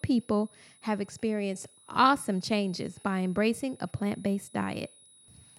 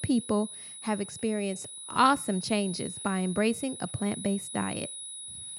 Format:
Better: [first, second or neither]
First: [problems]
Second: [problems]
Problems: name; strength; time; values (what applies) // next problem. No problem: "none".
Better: first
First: high-pitched whine; faint; throughout; 10 kHz, 25 dB below the speech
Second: high-pitched whine; loud; throughout; 10 kHz, 9 dB below the speech